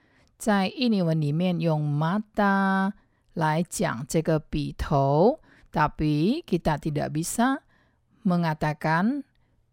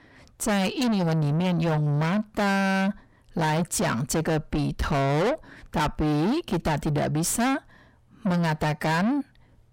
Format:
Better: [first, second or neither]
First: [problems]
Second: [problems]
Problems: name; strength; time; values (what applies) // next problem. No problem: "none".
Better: first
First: none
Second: distortion; heavy; 6 dB below the speech